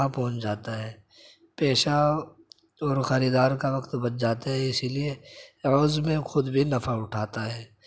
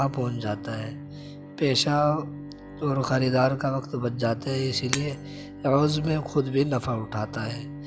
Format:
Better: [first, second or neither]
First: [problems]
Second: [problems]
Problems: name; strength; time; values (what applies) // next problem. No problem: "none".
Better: first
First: none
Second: background sound (Shatter + Bowed string instrument); 11 dB below the speech